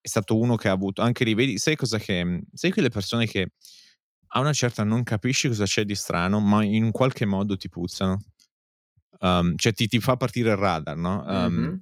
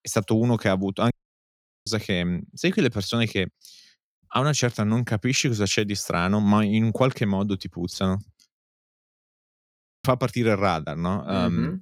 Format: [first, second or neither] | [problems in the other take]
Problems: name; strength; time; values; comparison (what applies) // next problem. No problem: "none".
first | audio cutting out; at 1 s for 1 s and at 9 s for 1.5 s